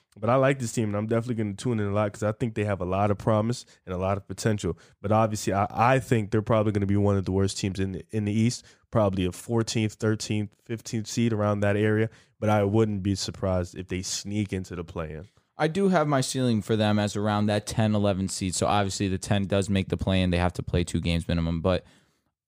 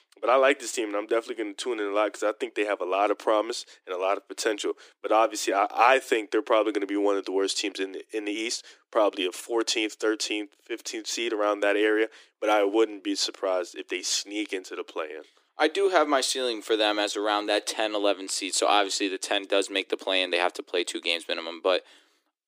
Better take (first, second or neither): first